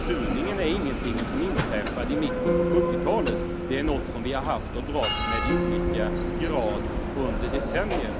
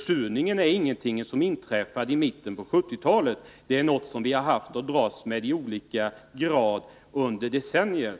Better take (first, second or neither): second